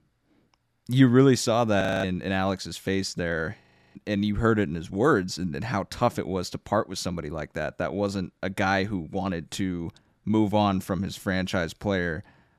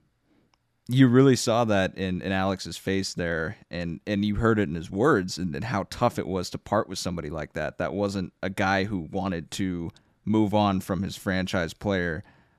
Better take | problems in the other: second | audio freezing; at 2 s and at 3.5 s

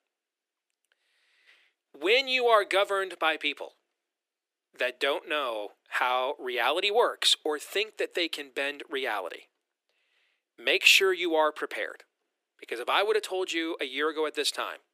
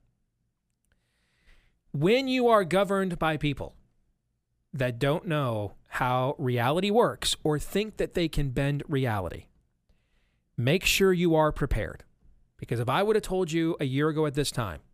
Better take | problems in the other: second | thin; very; fading below 350 Hz

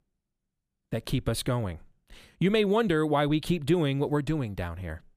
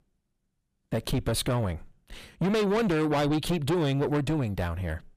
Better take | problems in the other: first | distortion; heavy; 8 dB below the speech

